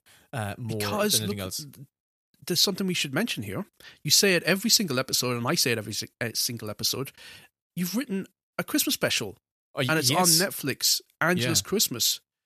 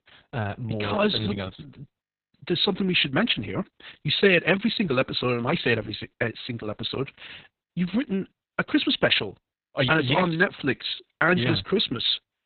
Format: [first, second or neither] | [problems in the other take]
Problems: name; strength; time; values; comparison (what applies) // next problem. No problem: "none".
first | garbled, watery; badly; nothing above 4 kHz